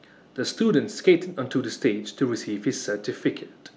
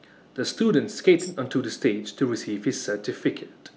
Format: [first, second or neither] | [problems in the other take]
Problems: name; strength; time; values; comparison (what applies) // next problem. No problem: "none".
first | background sound (Tambourine); 16 dB below the speech